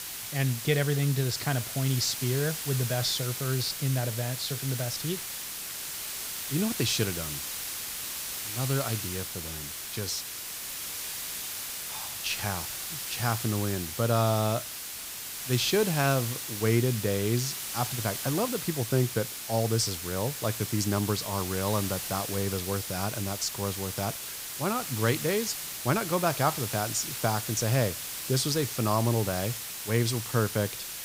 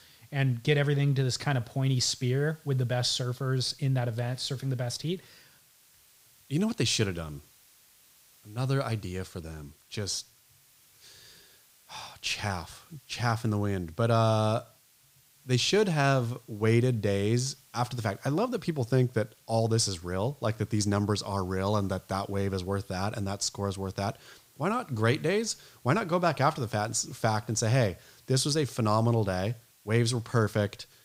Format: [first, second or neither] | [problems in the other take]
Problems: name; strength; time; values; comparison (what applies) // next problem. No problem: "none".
second | hiss; loud; throughout; 4 dB below the speech; faint in the second